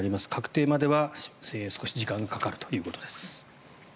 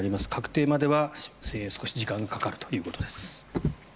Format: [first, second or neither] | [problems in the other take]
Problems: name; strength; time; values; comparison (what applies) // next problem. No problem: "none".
first | background sound (Drawer open or close); 9 dB below the speech